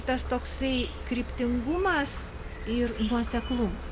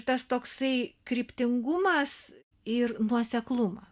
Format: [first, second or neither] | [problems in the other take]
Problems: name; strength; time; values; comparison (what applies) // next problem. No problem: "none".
second | background sound (Insect); 6 dB below the speech